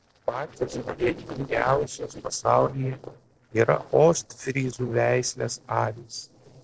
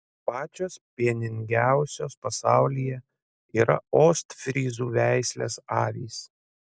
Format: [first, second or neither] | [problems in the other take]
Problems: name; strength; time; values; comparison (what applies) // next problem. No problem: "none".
second | noise reduction (neural separator model SepFormer DNS4)